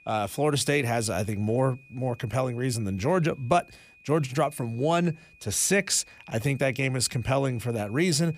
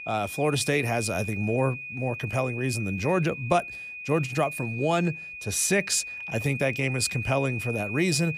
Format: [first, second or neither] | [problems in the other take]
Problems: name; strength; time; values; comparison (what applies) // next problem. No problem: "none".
first | high-pitched whine; loud; throughout; 2.5 kHz, 8 dB below the speech; faint in the first